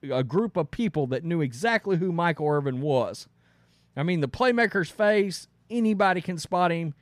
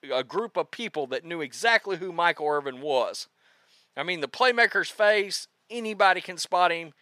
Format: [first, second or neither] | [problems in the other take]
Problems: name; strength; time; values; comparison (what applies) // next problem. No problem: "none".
first | thin; very; fading below 550 Hz